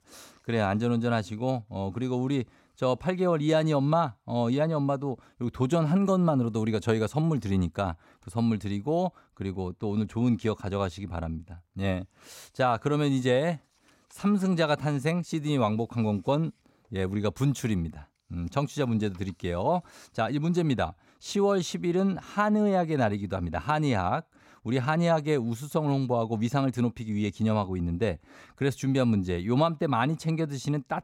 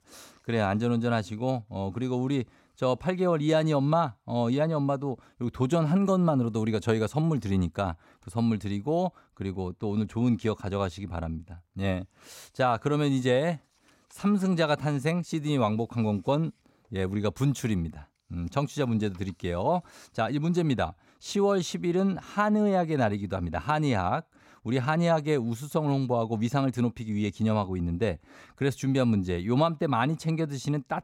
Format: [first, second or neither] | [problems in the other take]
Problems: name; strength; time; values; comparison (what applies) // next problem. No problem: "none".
neither | none